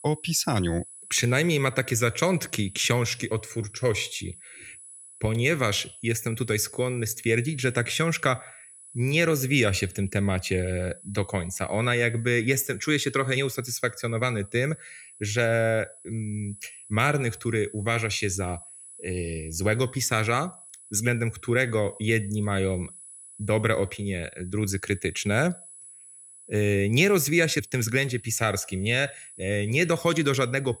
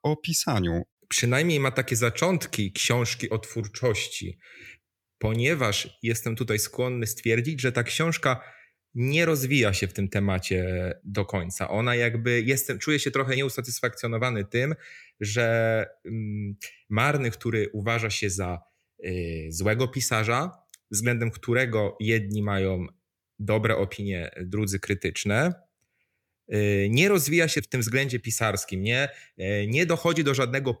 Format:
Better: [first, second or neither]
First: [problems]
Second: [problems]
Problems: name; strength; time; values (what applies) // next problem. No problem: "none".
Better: second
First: high-pitched whine; noticeable; throughout; 10.5 kHz, 20 dB below the speech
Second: none